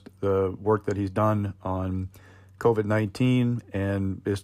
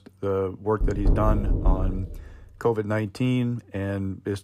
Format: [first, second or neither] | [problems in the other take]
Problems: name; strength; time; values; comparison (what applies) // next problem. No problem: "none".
first | door banging; loud; from 1 to 2 s; peak 2 dB above the speech